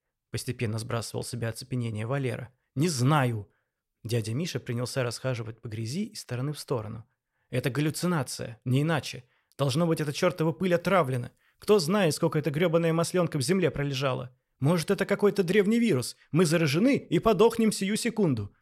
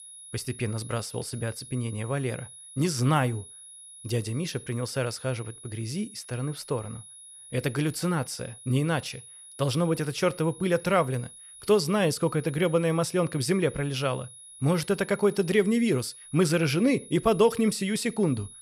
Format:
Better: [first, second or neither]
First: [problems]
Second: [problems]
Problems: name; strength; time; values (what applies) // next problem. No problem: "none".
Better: first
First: none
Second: high-pitched whine; noticeable; throughout; 10.5 kHz, 15 dB below the speech